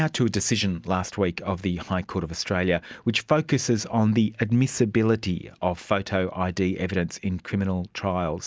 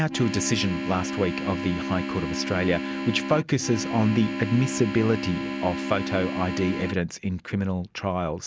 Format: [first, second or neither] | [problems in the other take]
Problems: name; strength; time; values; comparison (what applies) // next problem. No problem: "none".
first | background sound (Organ); 5 dB below the speech